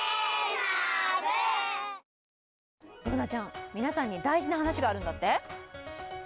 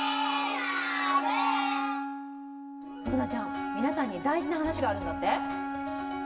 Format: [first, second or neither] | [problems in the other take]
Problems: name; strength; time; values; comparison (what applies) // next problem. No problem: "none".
first | background sound (Wind instrument, woodwind instrument); 4 dB below the speech // room echo; dies away in 1.3 s